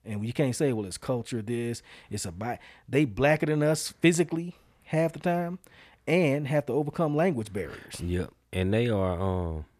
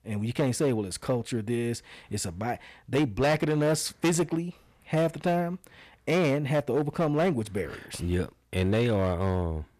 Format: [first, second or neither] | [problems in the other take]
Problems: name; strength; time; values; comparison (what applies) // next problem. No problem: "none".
first | distortion; slight; 7% of the sound clipped